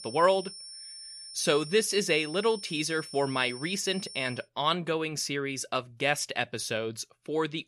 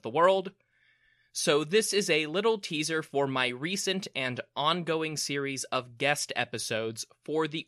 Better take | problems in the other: second | high-pitched whine; noticeable; until 4.5 s; 5.5 kHz, 15 dB below the speech

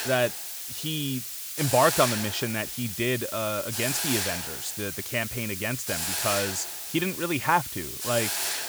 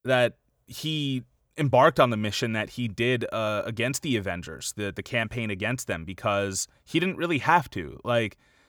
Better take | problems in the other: second | hiss; loud; throughout; 2 dB below the speech

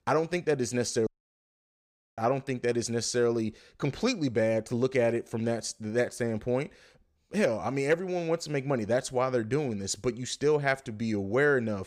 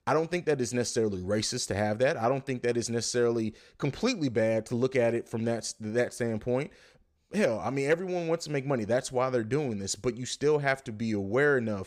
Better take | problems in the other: second | audio cutting out; at 1 s for 1 s

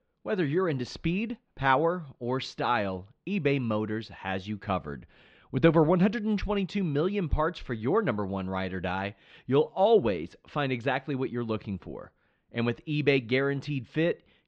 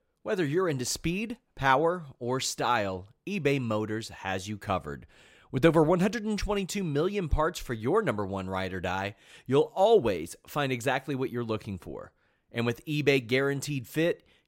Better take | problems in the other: second | muffled; slightly; fading above 4 kHz

